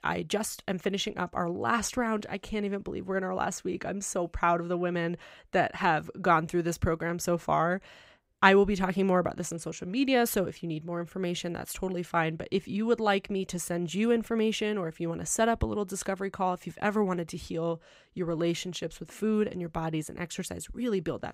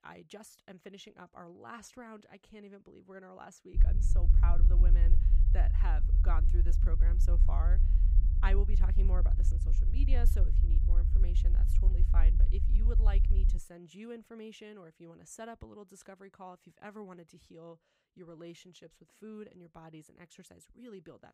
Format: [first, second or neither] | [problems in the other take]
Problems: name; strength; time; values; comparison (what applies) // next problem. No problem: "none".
first | low rumble; loud; from 4 to 14 s; 3 dB below the speech